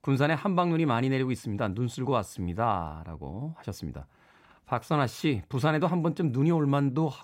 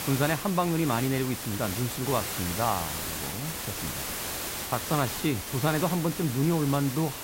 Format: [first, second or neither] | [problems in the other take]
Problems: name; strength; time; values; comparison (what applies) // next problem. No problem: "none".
first | hiss; loud; throughout; 4 dB below the speech